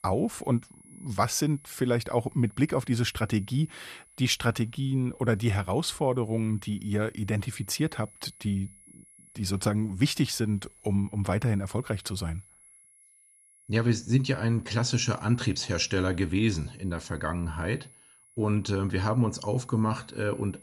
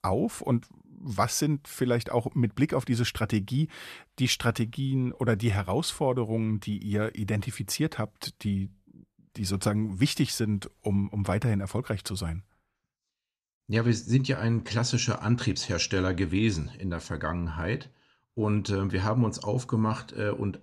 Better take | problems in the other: second | high-pitched whine; faint; throughout; 10.5 kHz, 25 dB below the speech

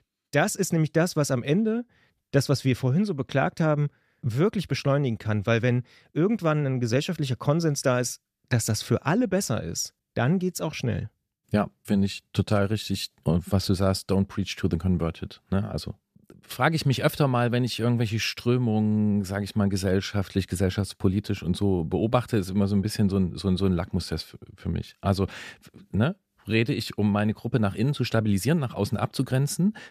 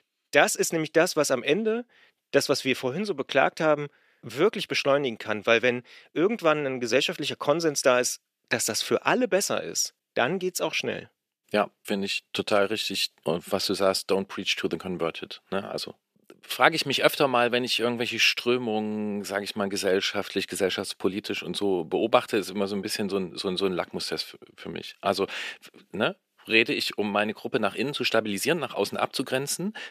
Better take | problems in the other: first | thin; somewhat; fading below 400 Hz

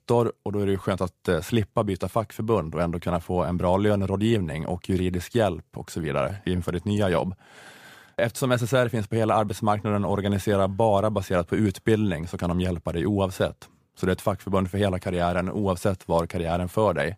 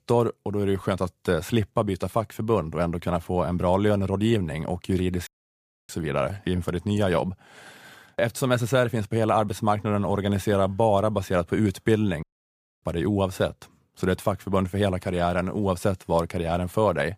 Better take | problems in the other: first | audio cutting out; at 5.5 s for 0.5 s and at 12 s for 0.5 s

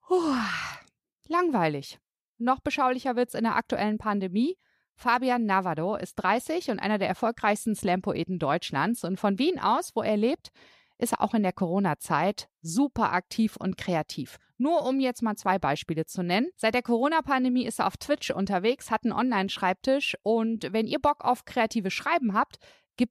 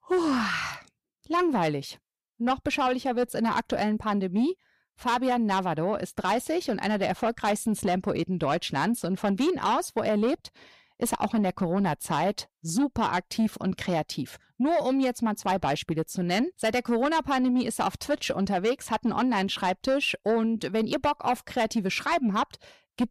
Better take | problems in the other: first | distortion; slight; 10 dB below the speech

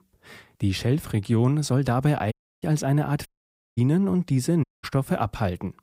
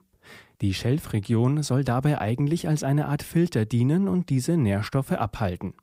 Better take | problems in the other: second | audio cutting out; at 2.5 s, at 3.5 s for 0.5 s and at 4.5 s

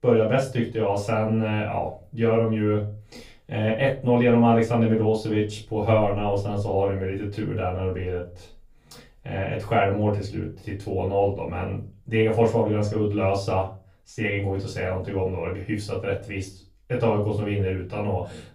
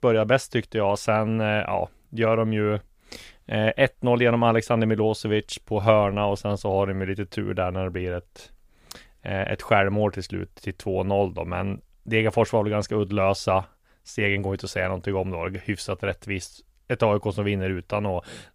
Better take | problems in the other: second | off-mic speech; far // room echo; slight; dies away in 0.3 s

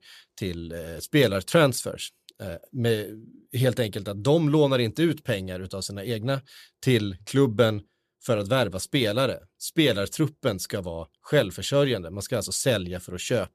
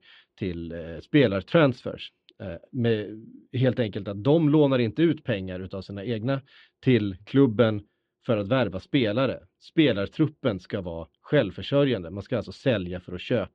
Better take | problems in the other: first | muffled; very; fading above 3 kHz

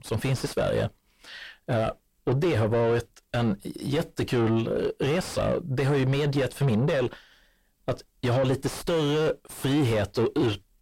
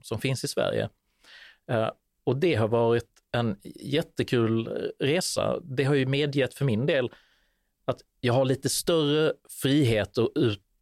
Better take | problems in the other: second | distortion; heavy; 6 dB below the speech

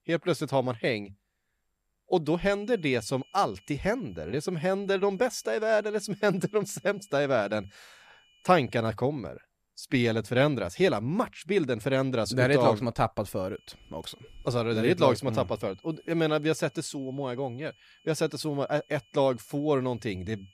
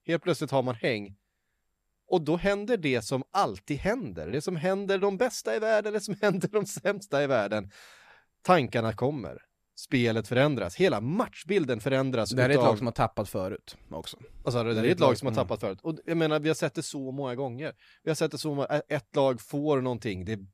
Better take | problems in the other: second | high-pitched whine; faint; from 2.5 to 9 s and from 13 s on; 3 kHz, 30 dB below the speech

